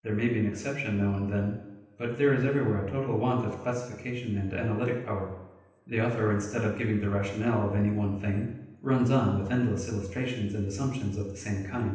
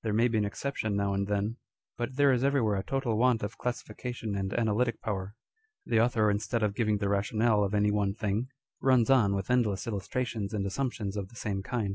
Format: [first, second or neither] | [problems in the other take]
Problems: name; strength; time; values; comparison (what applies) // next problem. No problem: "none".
second | room echo; dies away in 0.9 s